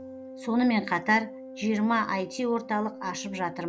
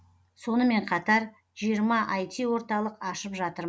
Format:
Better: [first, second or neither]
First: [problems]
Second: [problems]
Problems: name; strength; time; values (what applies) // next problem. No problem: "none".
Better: second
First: background sound (Organ); 14 dB below the speech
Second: none